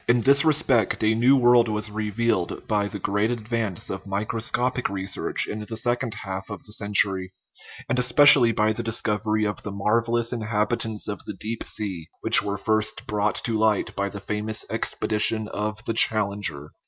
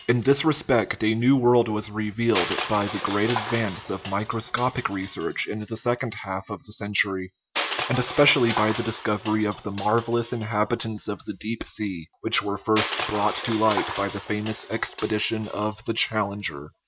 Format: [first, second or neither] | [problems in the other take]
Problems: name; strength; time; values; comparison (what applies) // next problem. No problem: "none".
first | background sound (Crushing); 10 dB below the speech